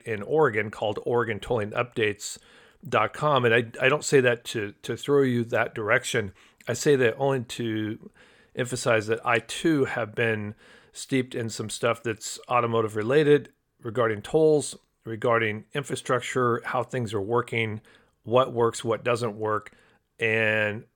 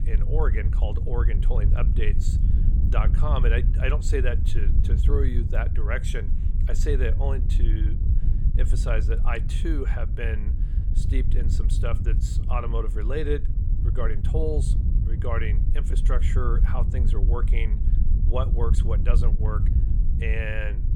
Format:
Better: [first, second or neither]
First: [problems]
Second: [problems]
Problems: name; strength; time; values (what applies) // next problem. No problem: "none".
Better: first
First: none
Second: wind noise on the microphone; heavy; 8 dB below the speech